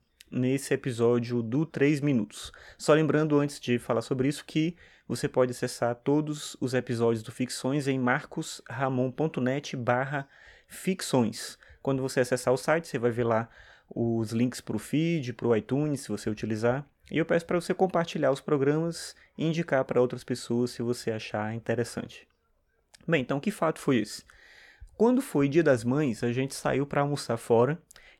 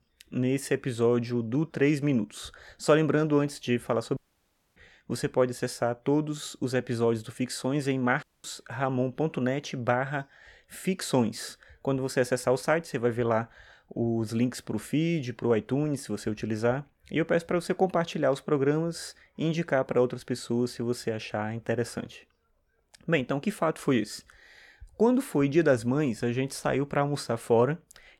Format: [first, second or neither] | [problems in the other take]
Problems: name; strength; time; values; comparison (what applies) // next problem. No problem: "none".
first | audio cutting out; at 4 s for 0.5 s and at 8 s